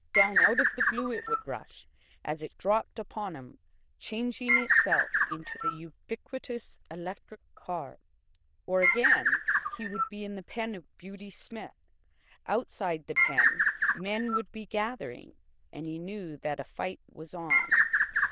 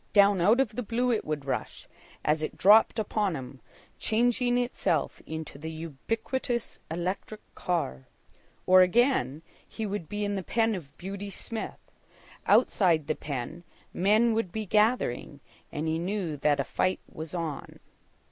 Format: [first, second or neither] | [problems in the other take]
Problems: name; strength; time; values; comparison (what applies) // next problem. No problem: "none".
second | noise reduction (neural diffusion model UNIVERSE++)